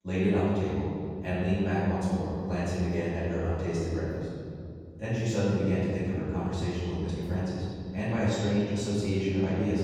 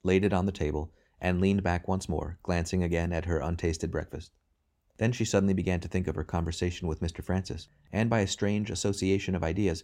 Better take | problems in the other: second | room echo; strong; dies away in 2.5 s // off-mic speech; far

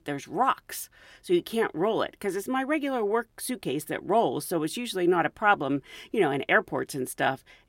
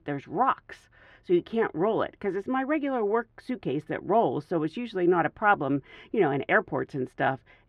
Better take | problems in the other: first | muffled; very; fading above 2 kHz

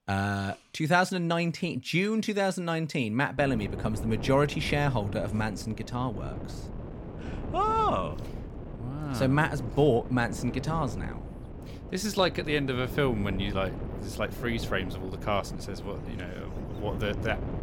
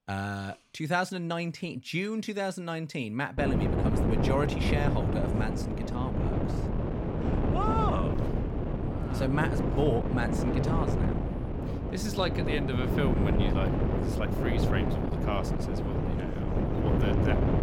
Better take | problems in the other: first | wind noise on the microphone; heavy; from 3.5 s on; 1 dB below the speech; occasional gusts in the first

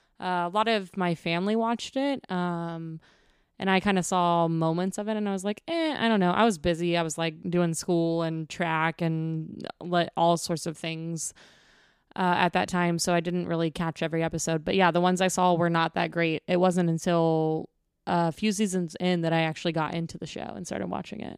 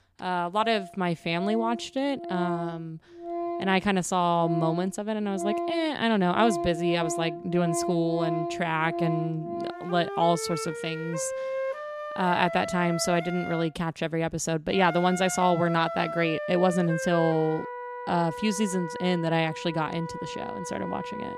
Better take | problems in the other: first | background music; loud; throughout; 7 dB below the speech

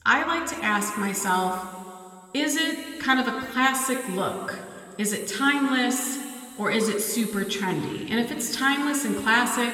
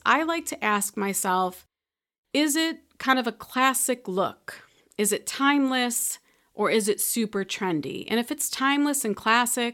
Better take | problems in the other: second | room echo; noticeable; dies away in 2.5 s

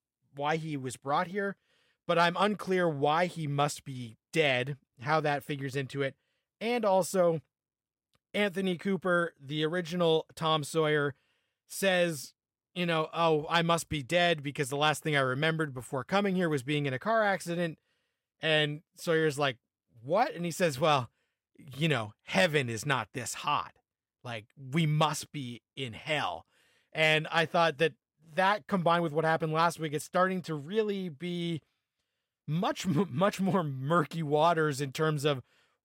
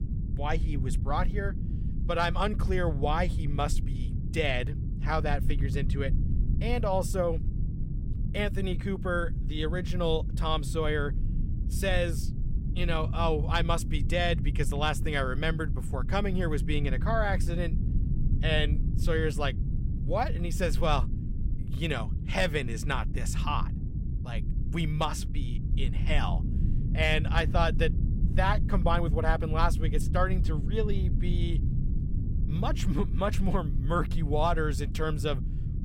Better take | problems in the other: first | low rumble; noticeable; throughout; 15 dB below the speech

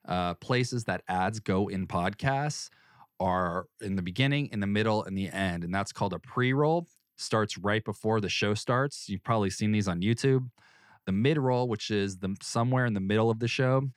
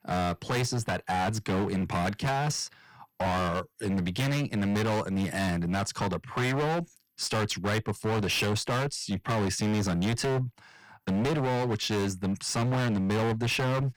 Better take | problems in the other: first | distortion; heavy; 29% of the sound clipped

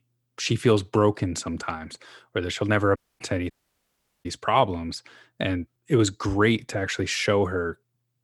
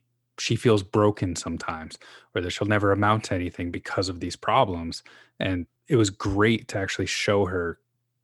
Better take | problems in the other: second | audio cutting out; at 3 s and at 3.5 s for 1 s

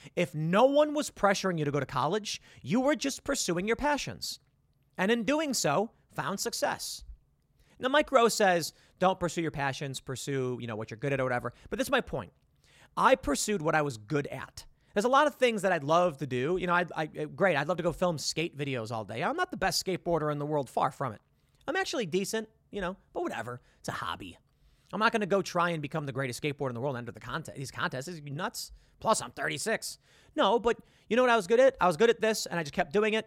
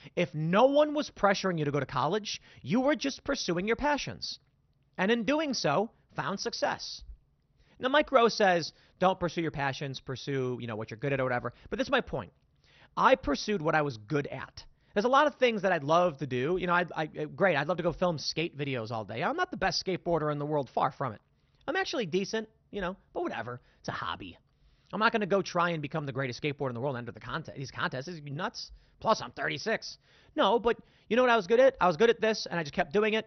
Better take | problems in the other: first | garbled, watery; slightly; nothing above 6 kHz

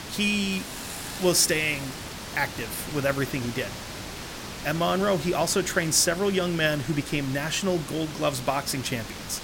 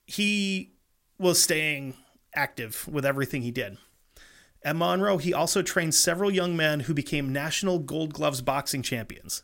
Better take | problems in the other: second | hiss; noticeable; throughout; 10 dB below the speech

